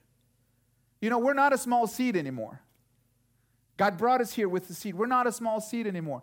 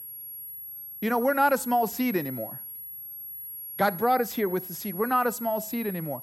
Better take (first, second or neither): first